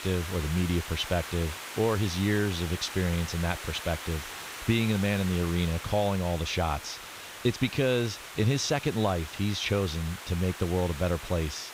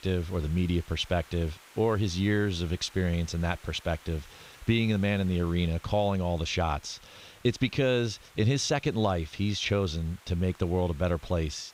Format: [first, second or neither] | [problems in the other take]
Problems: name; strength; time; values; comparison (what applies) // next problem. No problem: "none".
second | hiss; loud; throughout; 10 dB below the speech; faint in the second